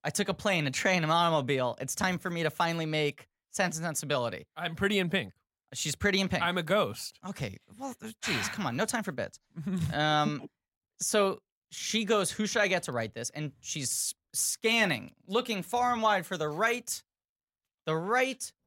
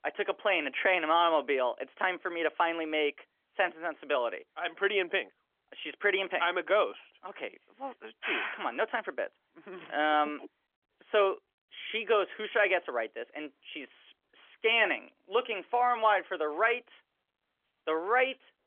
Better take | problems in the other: first | phone-call audio; nothing above 3.5 kHz

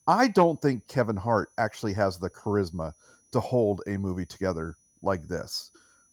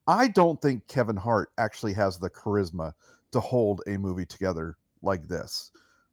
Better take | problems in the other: second | high-pitched whine; faint; throughout; 6 kHz, 35 dB below the speech

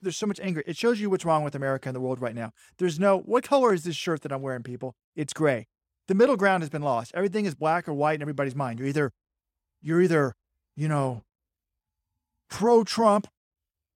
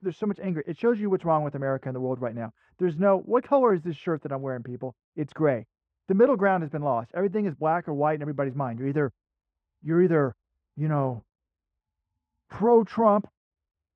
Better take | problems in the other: first | muffled; very; fading above 4 kHz

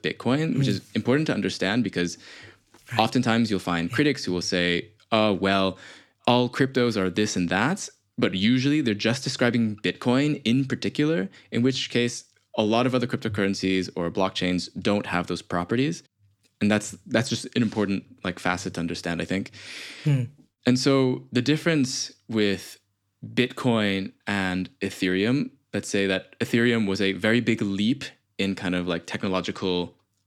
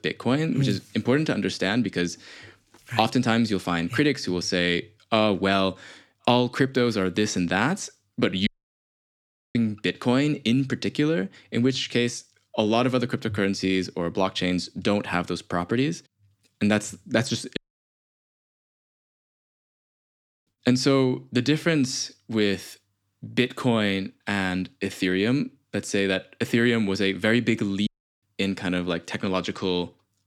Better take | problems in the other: first | audio cutting out; at 8.5 s for 1 s, at 18 s for 3 s and at 28 s

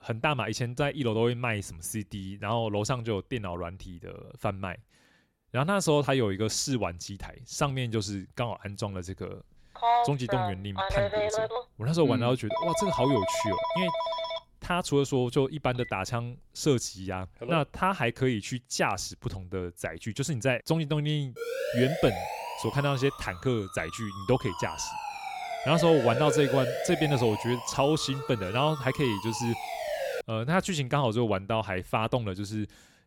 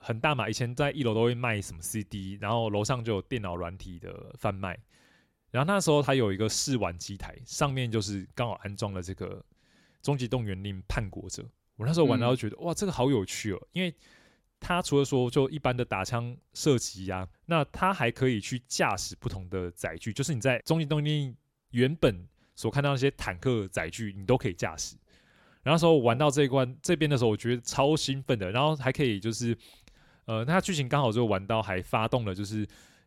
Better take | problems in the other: second | phone ringing; loud; from 10 to 18 s; peak 4 dB above the speech // siren; noticeable; from 21 to 30 s; peak 1 dB below the speech

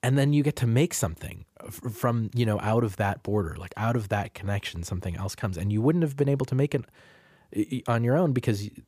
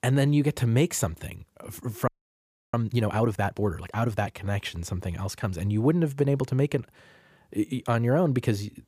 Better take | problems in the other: first | audio freezing; at 2 s for 0.5 s

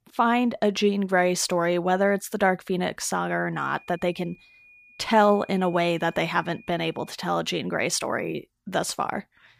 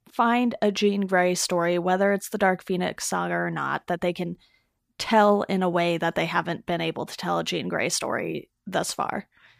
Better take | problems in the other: second | high-pitched whine; faint; from 3.5 to 7 s; 2.5 kHz, 25 dB below the speech

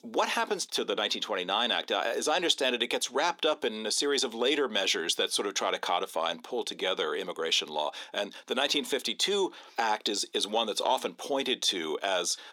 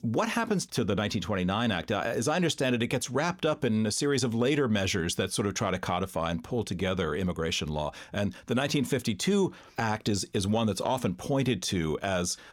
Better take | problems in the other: second | thin; somewhat; fading below 300 Hz

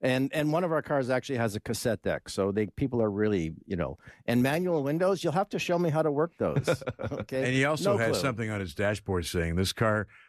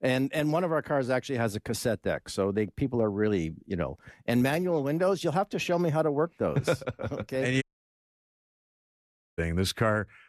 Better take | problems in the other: first | audio cutting out; at 7.5 s for 1.5 s

